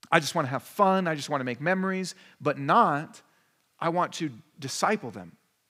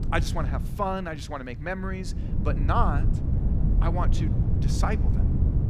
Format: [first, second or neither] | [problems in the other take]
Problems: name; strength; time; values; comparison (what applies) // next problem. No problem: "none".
first | wind noise on the microphone; heavy; 8 dB below the speech